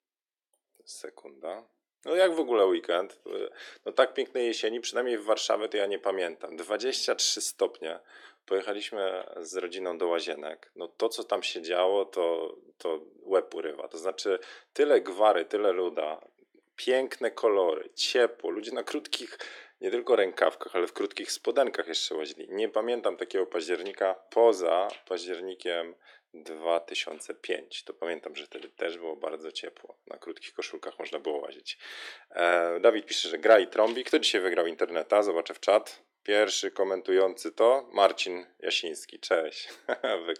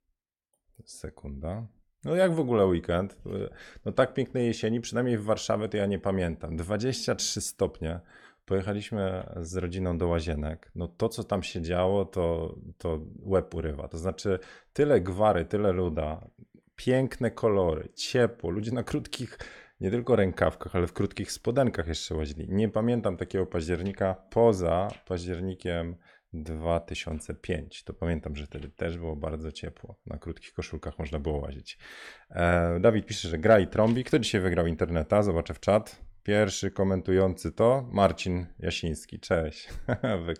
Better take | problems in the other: second | thin; very; fading below 350 Hz

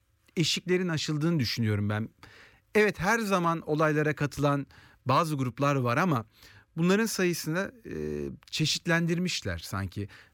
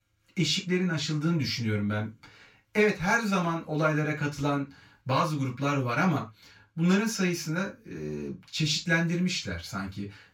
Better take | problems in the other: first | room echo; slight; dies away in 0.2 s // off-mic speech; far

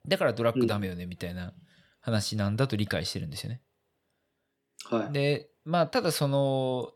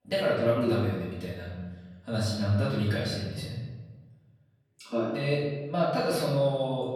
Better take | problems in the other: first | room echo; noticeable; dies away in 1.2 s // off-mic speech; far

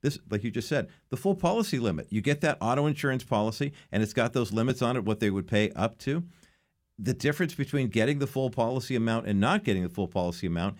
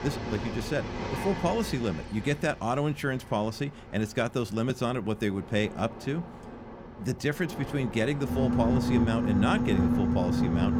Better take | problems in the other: first | train or aircraft noise; very loud; throughout; as loud as the speech

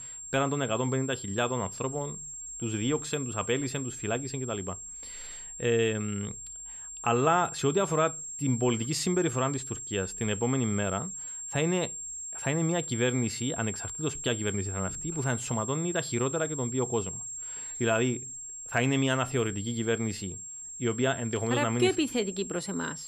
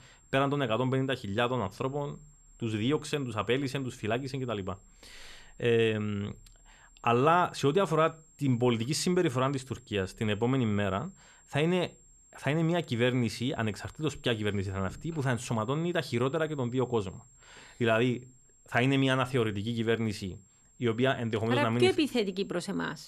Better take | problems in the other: second | high-pitched whine; loud; throughout; 7.5 kHz, 7 dB below the speech; faint in the second

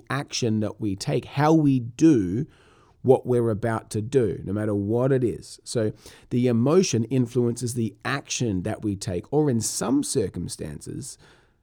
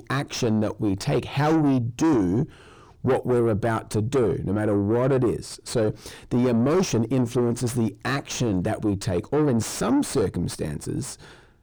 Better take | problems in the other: first | distortion; heavy; 6 dB below the speech

